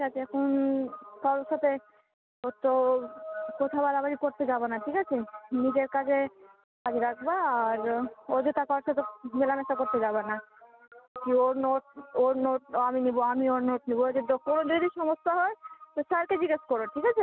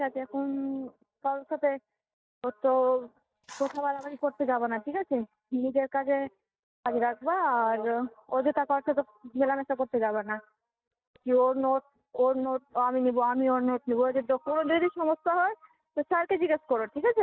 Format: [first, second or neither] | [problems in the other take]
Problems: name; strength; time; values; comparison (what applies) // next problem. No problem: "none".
first | noise reduction (neural mask model DeepFilterNet 3)